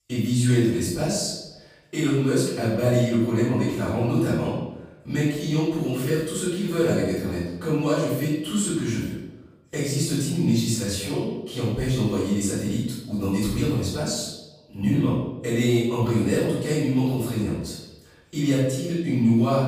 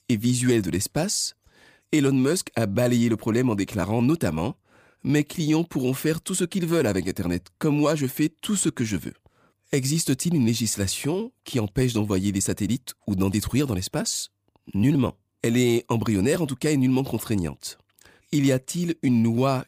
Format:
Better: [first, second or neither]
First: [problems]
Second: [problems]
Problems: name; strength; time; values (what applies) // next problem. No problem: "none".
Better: second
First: off-mic speech; far // room echo; strong; dies away in 0.8 s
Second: none